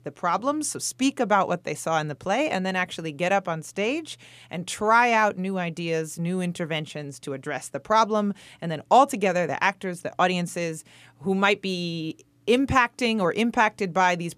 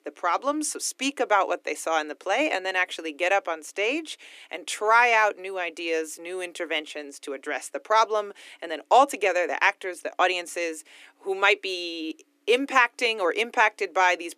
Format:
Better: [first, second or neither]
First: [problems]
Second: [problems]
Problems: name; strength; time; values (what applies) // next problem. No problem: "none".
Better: first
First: none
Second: thin; somewhat; fading below 300 Hz